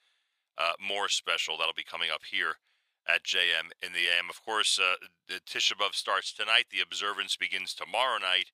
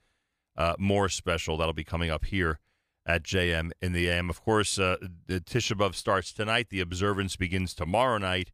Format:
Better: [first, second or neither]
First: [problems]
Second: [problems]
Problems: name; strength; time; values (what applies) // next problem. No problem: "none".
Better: second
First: thin; very; fading below 800 Hz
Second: none